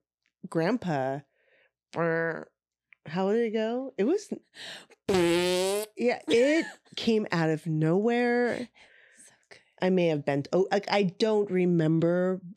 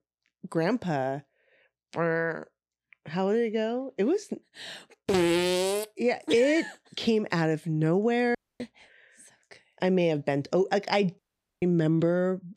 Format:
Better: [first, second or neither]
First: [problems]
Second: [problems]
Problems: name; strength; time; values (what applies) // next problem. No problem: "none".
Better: first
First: none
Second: audio cutting out; at 8.5 s and at 11 s